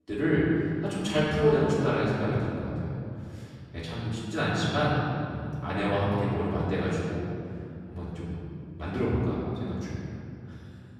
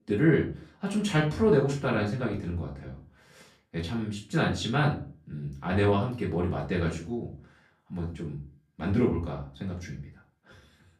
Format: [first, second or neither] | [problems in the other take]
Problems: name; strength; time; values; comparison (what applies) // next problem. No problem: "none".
second | room echo; strong; dies away in 2.5 s; slight in the second // off-mic speech; far; far in the second